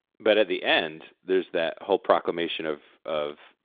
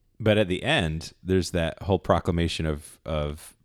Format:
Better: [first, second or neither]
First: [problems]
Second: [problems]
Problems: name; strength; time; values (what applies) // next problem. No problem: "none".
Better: second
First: phone-call audio; nothing above 3.5 kHz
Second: none